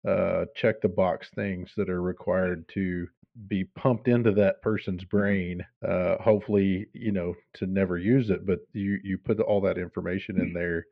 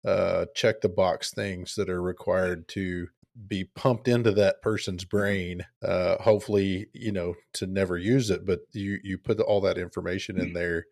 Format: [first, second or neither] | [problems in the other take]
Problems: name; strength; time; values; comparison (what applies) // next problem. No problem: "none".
second | muffled; very; fading above 2.5 kHz